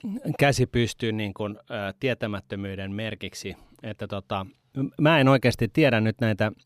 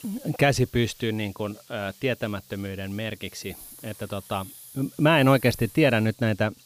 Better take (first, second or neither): first